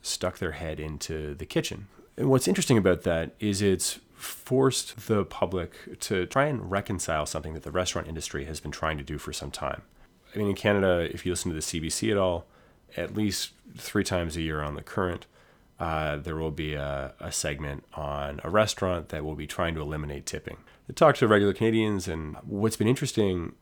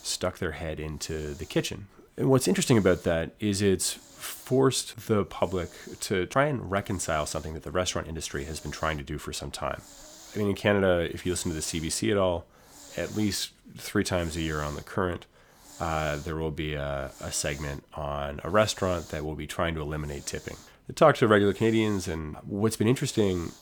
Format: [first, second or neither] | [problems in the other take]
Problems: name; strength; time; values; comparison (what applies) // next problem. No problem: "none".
first | hiss; faint; throughout; 20 dB below the speech